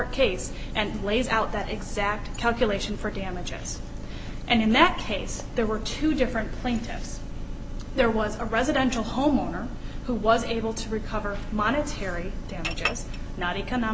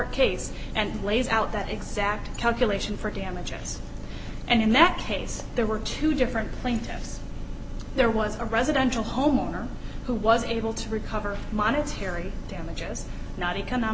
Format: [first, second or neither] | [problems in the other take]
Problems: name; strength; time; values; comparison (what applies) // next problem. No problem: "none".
second | background sound (Chink, clink); 9 dB below the speech